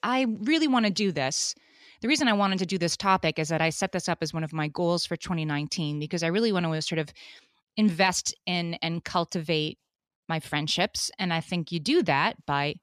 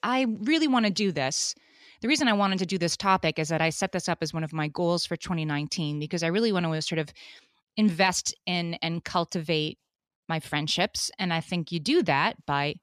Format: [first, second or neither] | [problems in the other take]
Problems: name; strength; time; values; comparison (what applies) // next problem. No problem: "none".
neither | none